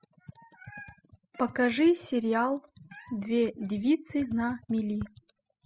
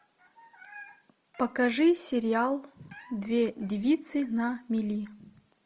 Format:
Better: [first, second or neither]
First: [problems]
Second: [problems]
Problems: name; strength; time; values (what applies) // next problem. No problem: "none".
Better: second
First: noise reduction (classical method spectral subtraction)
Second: none